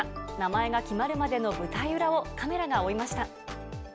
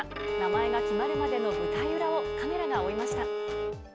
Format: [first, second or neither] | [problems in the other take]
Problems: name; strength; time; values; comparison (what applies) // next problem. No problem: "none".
first | background sound (Bowed string instrument); 3 dB above the speech